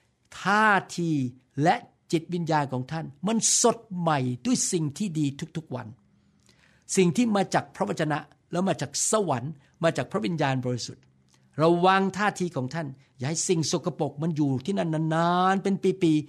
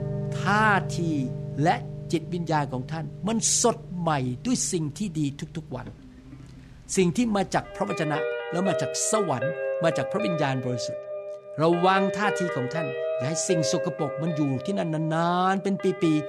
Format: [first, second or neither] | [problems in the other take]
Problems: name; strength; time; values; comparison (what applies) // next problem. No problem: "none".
first | background music; loud; throughout; 6 dB below the speech